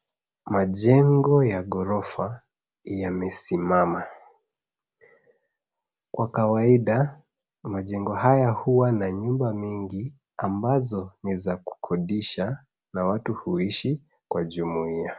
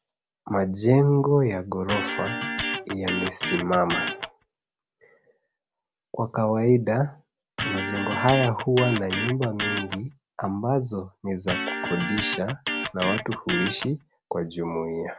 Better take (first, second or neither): first